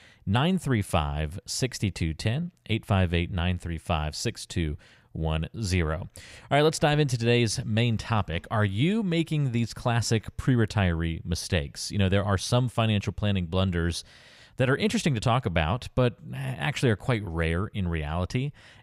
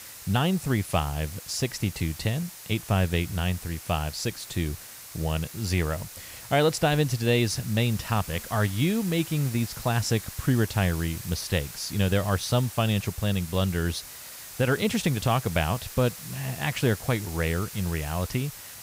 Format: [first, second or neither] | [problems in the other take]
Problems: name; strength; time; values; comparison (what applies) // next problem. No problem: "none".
first | hiss; noticeable; throughout; 10 dB below the speech